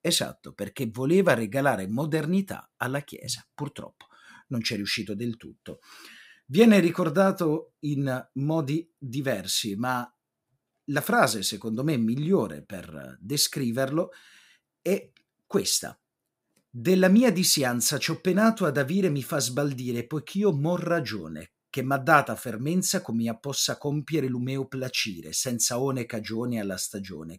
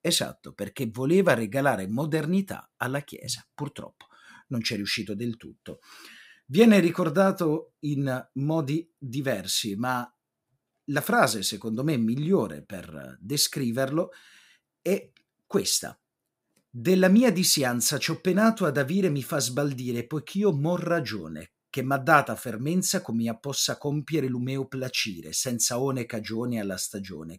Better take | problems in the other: neither | none

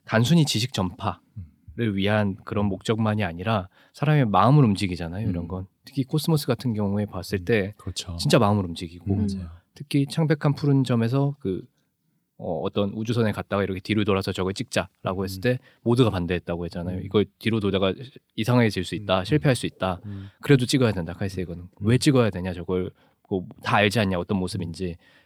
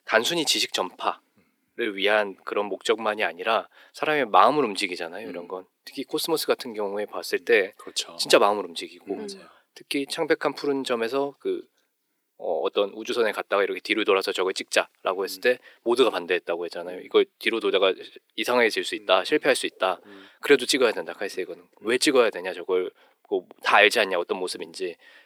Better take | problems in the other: first | thin; very; fading below 350 Hz

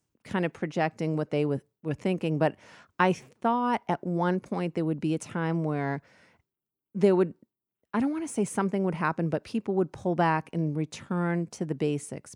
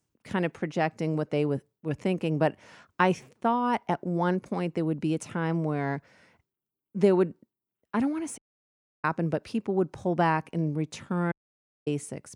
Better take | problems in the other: first | audio cutting out; at 8.5 s for 0.5 s and at 11 s for 0.5 s

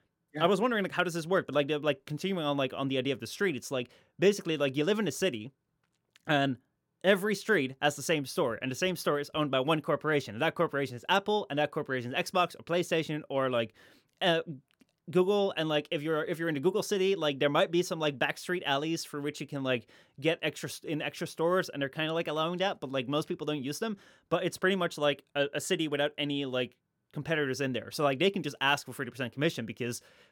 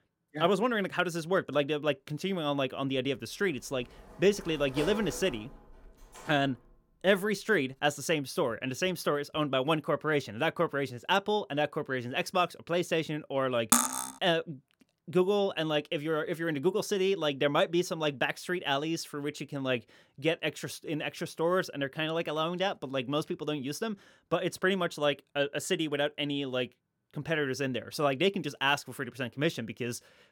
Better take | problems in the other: first | door banging; noticeable; from 4 to 6.5 s; peak 7 dB below the speech // clattering dishes; loud; at 14 s; peak 6 dB above the speech

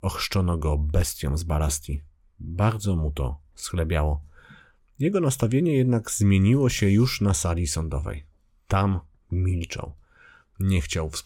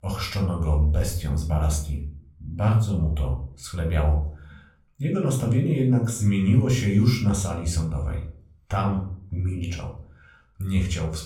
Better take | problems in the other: first | off-mic speech; somewhat distant // room echo; slight; dies away in 0.4 s

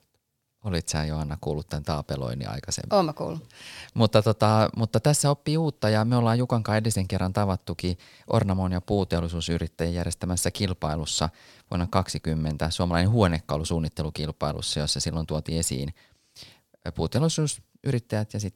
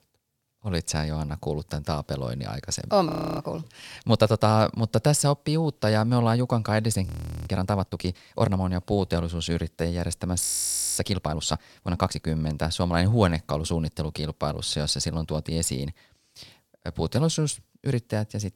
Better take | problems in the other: first | audio freezing; at 3 s, at 7 s and at 10 s for 0.5 s

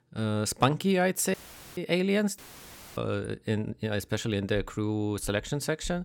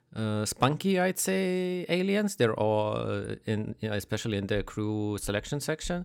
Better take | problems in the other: second | audio cutting out; filled with static; at 1.5 s and at 2.5 s for 0.5 s

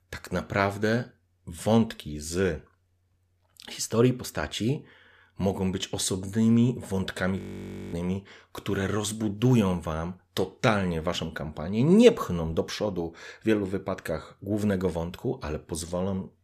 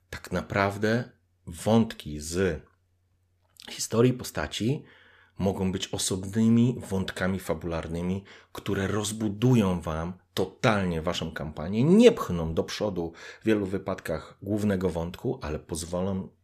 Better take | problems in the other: second | audio freezing; at 7.5 s for 0.5 s

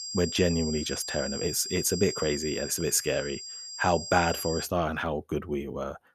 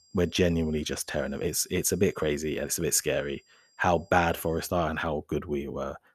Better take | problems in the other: second | high-pitched whine; loud; until 4.5 s; 5 kHz, 7 dB below the speech; faint in the second

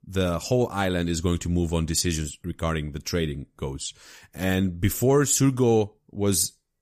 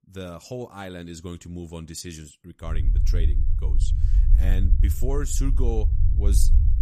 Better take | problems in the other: first | low rumble; loud; from 2.5 s on; 7 dB below the speech

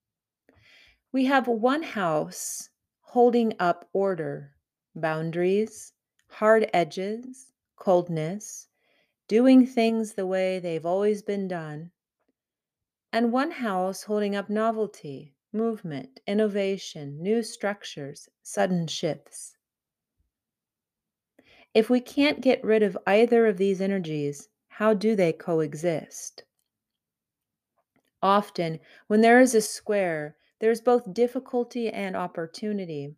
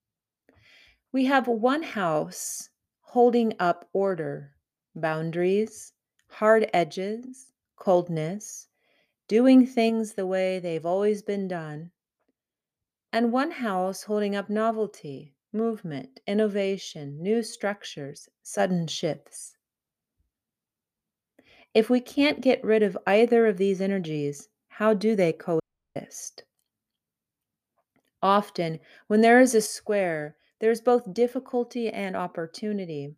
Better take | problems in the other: first | audio cutting out; at 26 s

